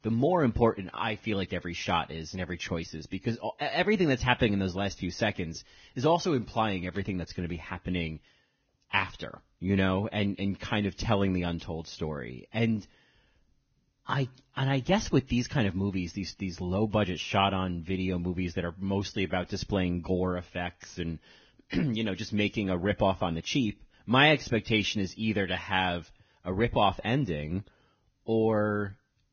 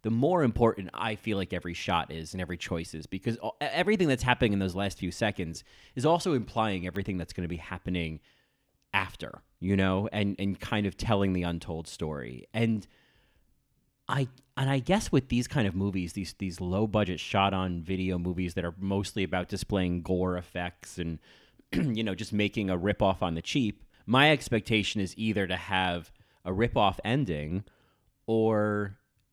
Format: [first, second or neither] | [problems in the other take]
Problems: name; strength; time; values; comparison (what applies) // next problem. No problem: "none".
second | garbled, watery; badly; nothing above 6.5 kHz